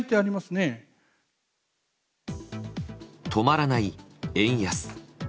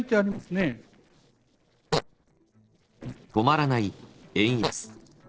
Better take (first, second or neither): first